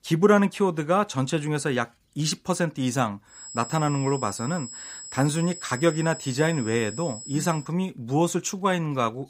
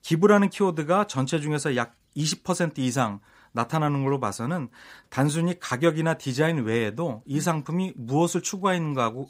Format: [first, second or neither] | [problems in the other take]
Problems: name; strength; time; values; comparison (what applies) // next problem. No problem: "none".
second | high-pitched whine; noticeable; from 3.5 to 7.5 s; 8 kHz, 10 dB below the speech